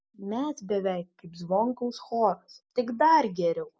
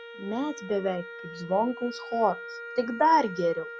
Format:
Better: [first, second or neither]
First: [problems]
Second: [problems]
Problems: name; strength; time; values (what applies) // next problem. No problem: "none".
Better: first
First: none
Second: background sound (Wind instrument, woodwind instrument); 13 dB below the speech